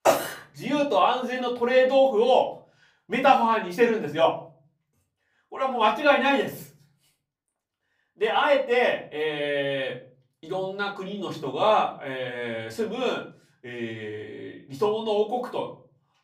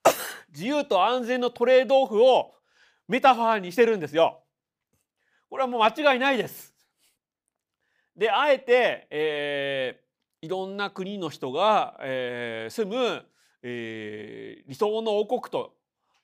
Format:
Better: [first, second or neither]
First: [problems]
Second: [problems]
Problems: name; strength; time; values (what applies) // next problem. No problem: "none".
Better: second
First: off-mic speech; far // room echo; very slight; dies away in 0.5 s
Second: none